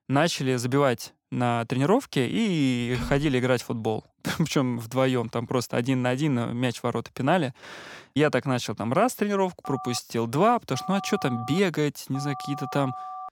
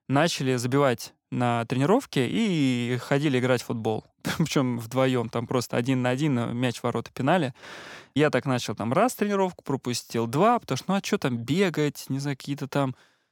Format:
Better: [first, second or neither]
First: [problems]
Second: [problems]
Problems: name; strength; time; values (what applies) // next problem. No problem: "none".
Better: second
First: keyboard typing; noticeable; at 3 s; peak 10 dB below the speech // phone ringing; faint; from 9.5 s on; peak 10 dB below the speech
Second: none